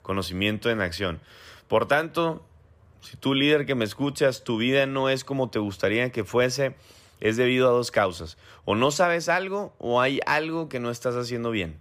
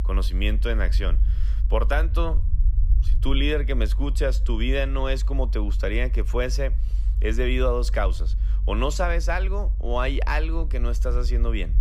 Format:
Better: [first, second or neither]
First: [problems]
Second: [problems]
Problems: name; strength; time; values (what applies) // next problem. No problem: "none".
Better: first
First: none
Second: low rumble; noticeable; throughout; 20 dB below the speech